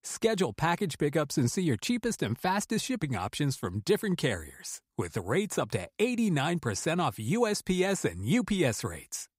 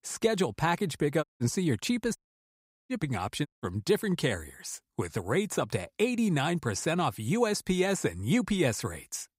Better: first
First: none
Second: audio cutting out; at 1 s, at 2 s for 0.5 s and at 3.5 s

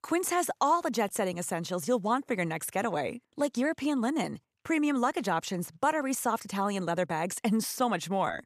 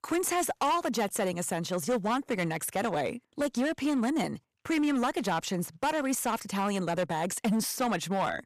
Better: first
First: none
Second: distortion; slight; 10% of the sound clipped

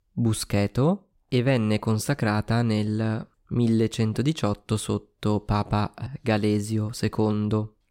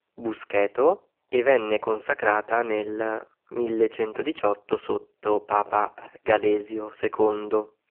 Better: first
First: none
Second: phone-call audio; poor line

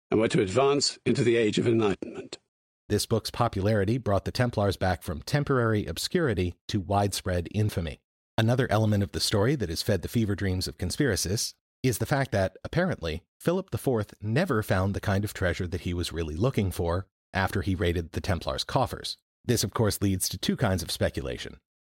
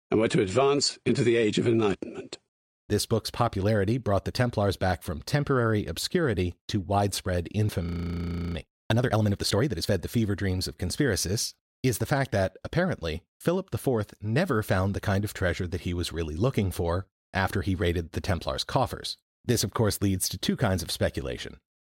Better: first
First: none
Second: audio freezing; at 8 s for 0.5 s

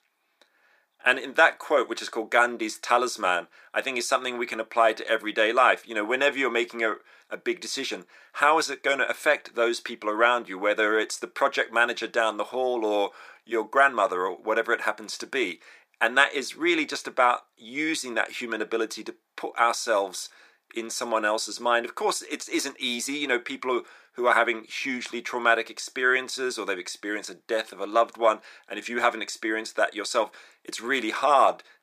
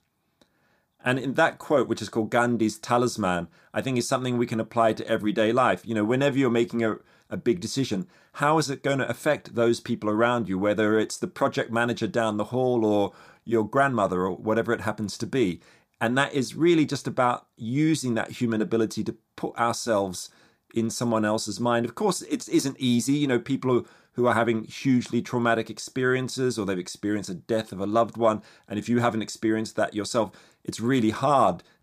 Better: second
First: thin; very; fading below 400 Hz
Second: none

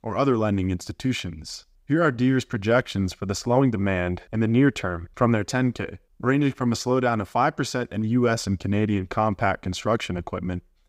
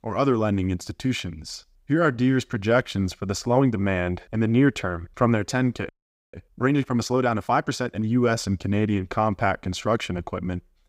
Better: first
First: none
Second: audio freezing; at 6 s

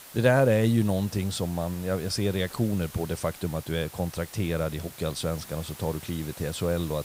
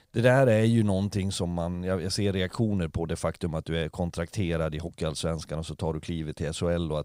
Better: second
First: hiss; noticeable; throughout; 15 dB below the speech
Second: none

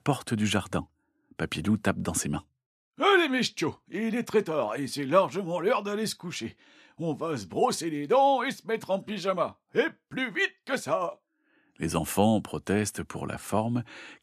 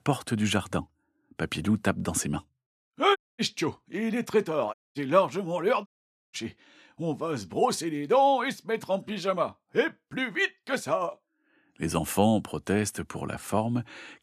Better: first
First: none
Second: audio cutting out; at 3 s, at 4.5 s and at 6 s

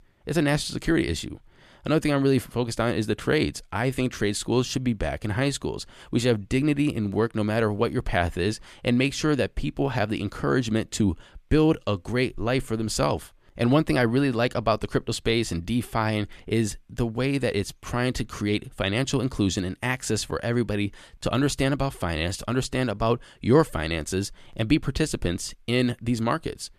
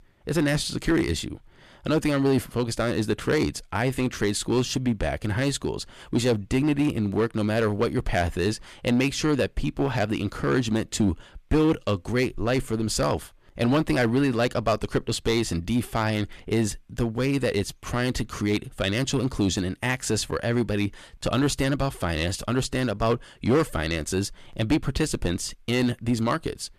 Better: first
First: none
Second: distortion; slight; 5% of the sound clipped

